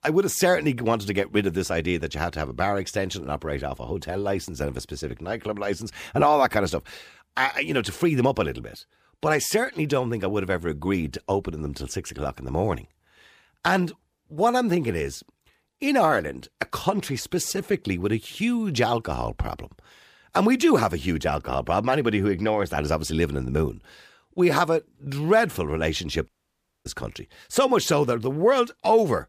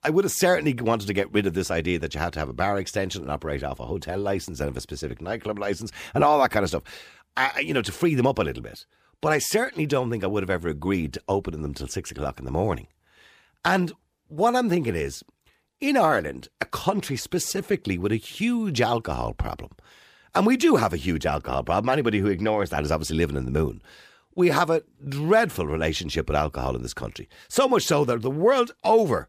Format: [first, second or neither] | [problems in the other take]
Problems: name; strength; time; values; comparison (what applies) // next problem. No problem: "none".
second | audio cutting out; at 26 s for 0.5 s